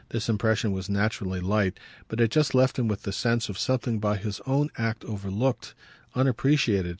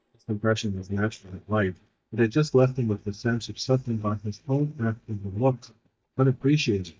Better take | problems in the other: first | noise reduction (neural mask model DeepFilterNet 3)

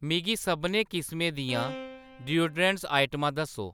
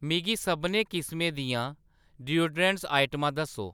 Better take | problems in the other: second | background sound (Bowed string instrument); 13 dB below the speech

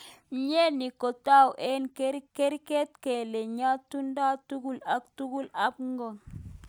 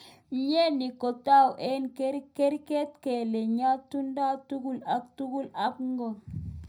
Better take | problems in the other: first | room echo; dies away in 0.4 s

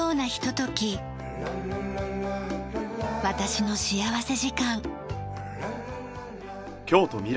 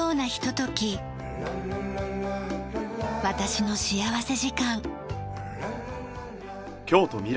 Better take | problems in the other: first | background sound (Wind); 19 dB below the speech

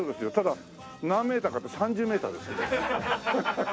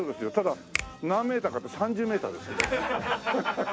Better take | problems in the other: first | background sound (Finger snapping); 11 dB below the speech

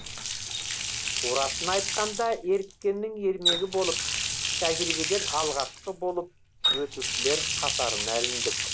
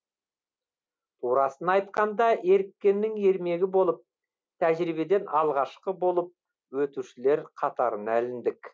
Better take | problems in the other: second | background sound (Water tap, faucet); 1 dB above the speech

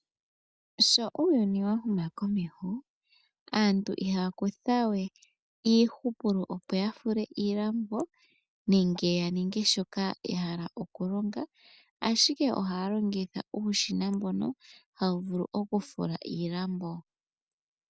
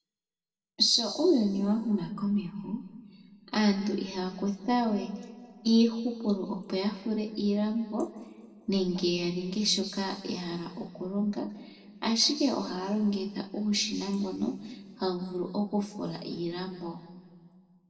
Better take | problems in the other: first | room echo; dies away in 1.6 s

